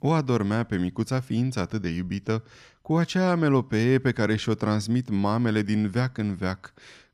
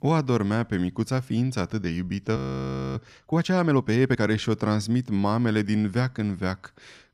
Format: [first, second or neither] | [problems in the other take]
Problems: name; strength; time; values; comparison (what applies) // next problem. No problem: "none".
first | audio freezing; at 2.5 s for 0.5 s